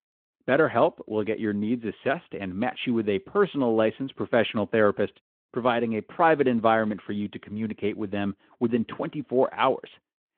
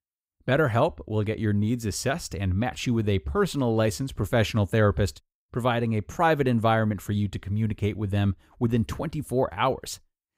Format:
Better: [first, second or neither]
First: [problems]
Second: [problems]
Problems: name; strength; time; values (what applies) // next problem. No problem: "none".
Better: second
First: phone-call audio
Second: none